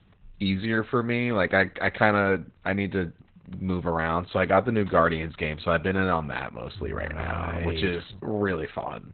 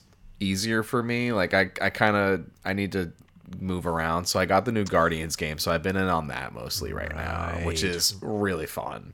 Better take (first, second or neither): second